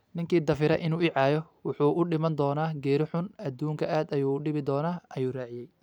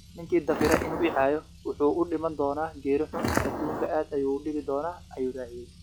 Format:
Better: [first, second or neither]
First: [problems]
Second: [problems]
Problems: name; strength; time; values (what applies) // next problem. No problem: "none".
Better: first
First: none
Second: noise reduction (classical method log-MMSE)